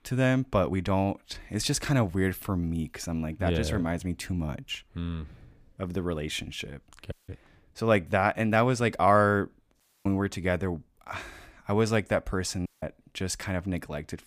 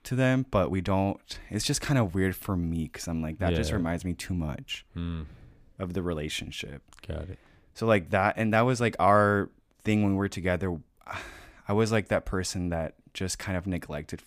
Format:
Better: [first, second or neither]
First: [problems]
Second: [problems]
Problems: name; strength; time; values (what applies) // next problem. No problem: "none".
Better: second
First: audio cutting out; at 7 s, at 10 s and at 13 s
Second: none